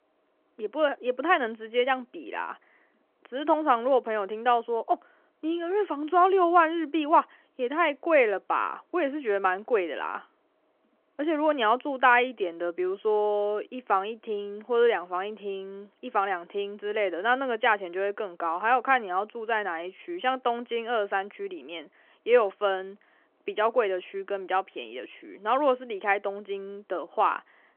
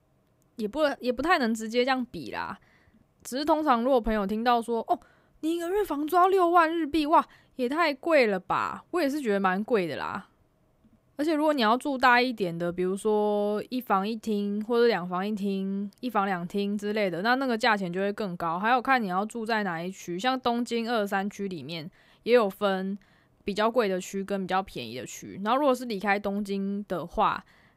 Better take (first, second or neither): second